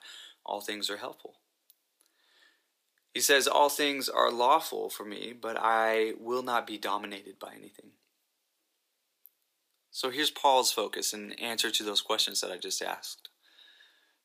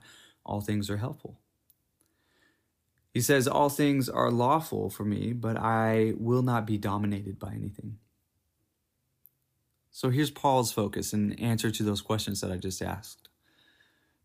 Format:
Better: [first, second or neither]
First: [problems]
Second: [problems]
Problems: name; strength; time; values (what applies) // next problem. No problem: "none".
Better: second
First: thin; very; fading below 450 Hz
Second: none